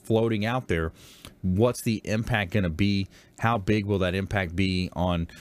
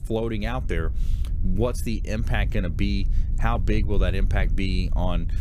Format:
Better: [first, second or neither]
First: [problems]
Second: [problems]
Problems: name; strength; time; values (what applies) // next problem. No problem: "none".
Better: first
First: none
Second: wind noise on the microphone; occasional gusts; 15 dB below the speech